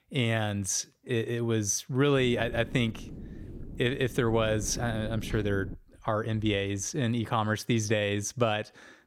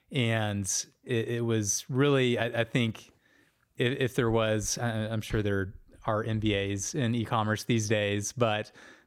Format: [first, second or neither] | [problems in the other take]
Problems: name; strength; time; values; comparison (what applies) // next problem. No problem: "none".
second | wind noise on the microphone; occasional gusts; from 2 to 6 s; 20 dB below the speech